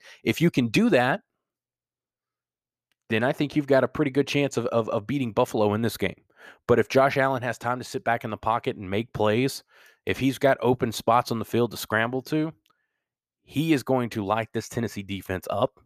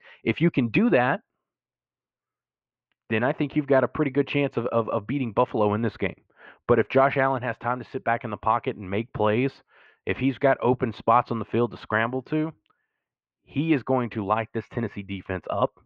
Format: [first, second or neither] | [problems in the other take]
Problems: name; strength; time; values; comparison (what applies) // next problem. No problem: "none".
first | muffled; very; fading above 2.5 kHz